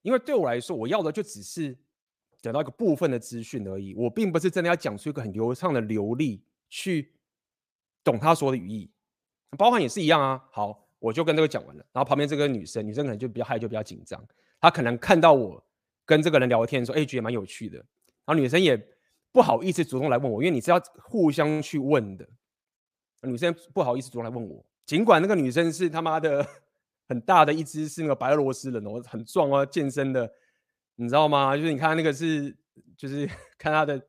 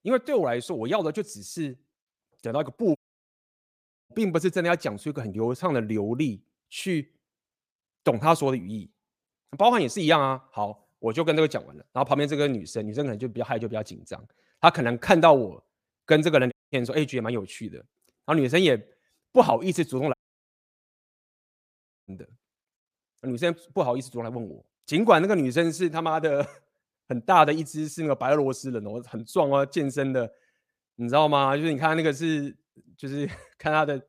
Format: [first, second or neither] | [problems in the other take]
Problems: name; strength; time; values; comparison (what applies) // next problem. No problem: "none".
first | audio cutting out; at 3 s for 1 s, at 17 s and at 20 s for 2 s